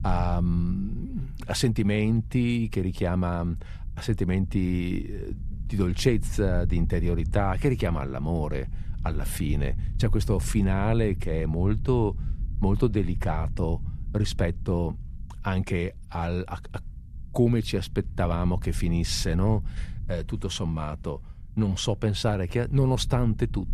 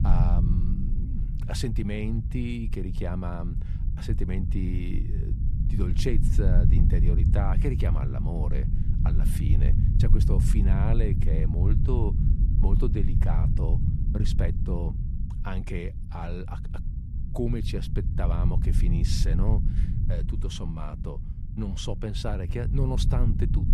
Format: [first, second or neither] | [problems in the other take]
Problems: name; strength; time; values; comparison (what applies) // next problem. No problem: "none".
first | low rumble; loud; throughout; 4 dB below the speech; faint in the first